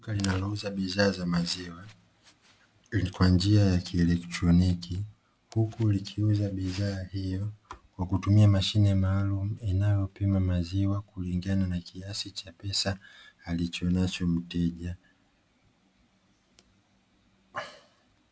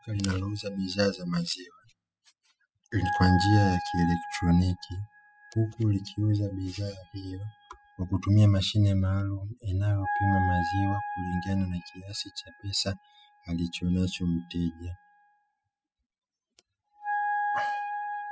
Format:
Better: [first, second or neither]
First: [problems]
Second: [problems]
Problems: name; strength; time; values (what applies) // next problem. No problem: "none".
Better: first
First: none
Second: noise reduction (classical method spectral subtraction)